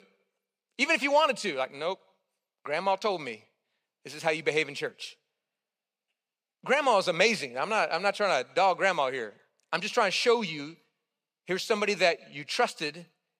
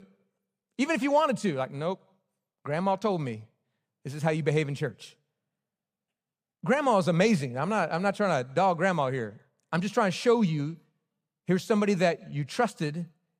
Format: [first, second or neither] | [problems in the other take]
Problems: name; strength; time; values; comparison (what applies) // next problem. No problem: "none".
second | thin; somewhat; fading below 400 Hz